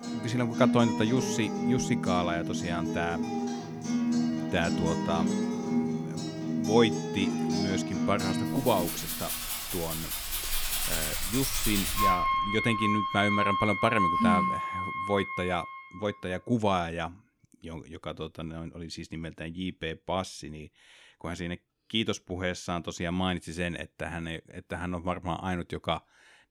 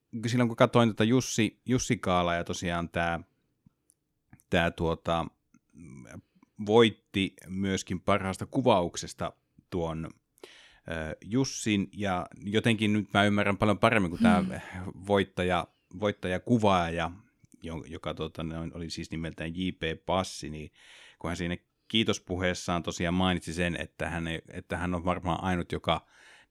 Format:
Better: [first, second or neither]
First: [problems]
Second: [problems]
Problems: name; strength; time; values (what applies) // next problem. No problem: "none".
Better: second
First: background music; very loud; until 16 s; 1 dB above the speech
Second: none